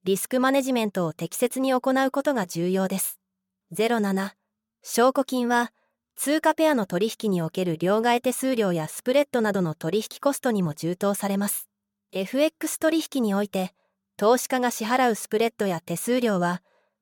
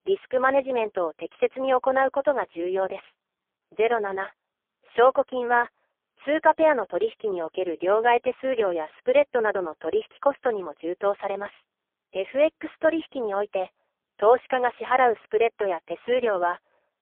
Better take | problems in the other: first | phone-call audio; poor line; nothing above 3.5 kHz

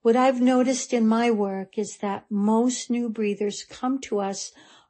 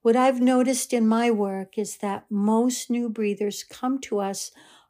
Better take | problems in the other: second | garbled, watery; slightly; nothing above 8 kHz

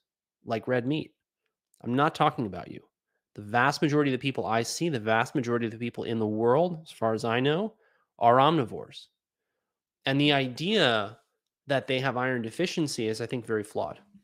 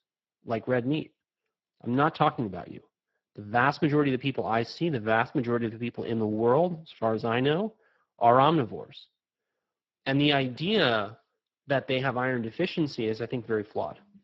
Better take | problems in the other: first | garbled, watery; badly

